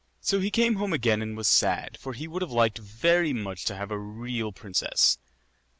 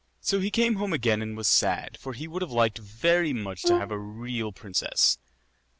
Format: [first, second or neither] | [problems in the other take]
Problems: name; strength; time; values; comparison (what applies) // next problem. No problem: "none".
first | background sound (Brass instrument); 3 dB below the speech